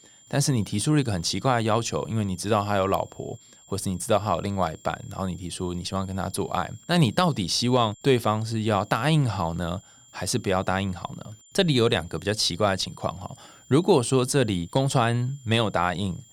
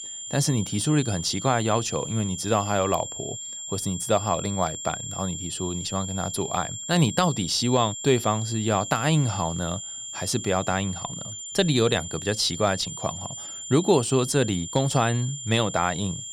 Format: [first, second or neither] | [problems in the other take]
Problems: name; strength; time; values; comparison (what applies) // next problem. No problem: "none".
first | high-pitched whine; loud; throughout; 7 kHz, 8 dB below the speech; faint in the first